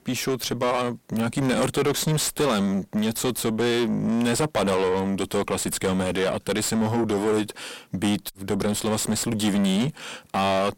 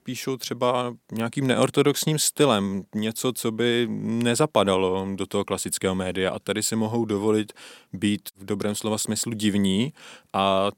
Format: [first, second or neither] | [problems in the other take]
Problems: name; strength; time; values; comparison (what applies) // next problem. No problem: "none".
second | distortion; heavy; 5 dB below the speech